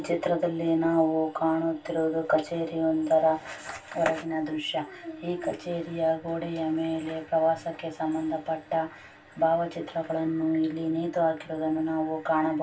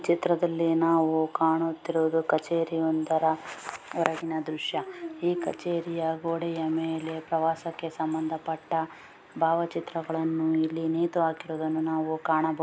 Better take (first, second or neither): second